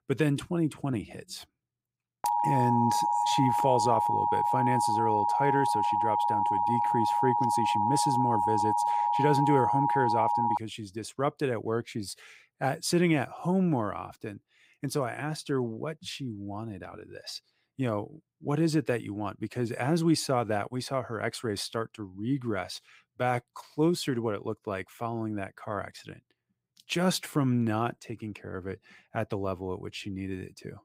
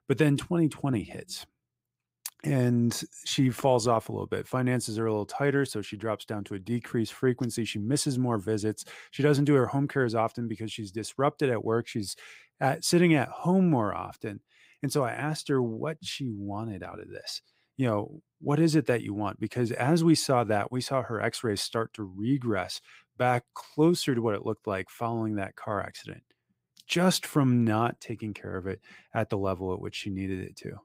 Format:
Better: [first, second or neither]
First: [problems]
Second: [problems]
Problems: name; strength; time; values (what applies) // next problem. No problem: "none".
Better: second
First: alarm; loud; from 2 to 11 s; peak 4 dB above the speech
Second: none